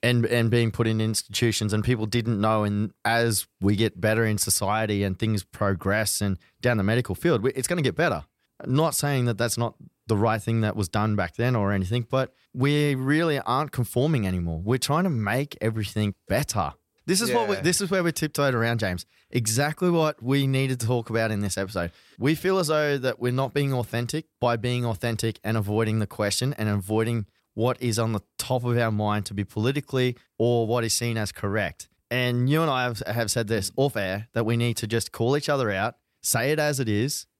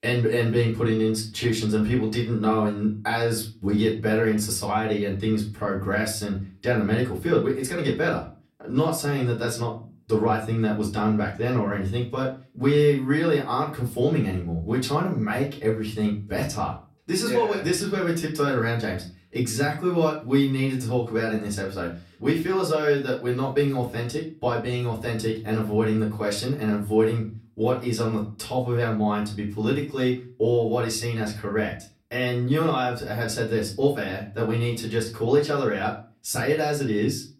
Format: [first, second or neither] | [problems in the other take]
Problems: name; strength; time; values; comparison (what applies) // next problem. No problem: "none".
first | off-mic speech; far // room echo; slight; dies away in 0.3 s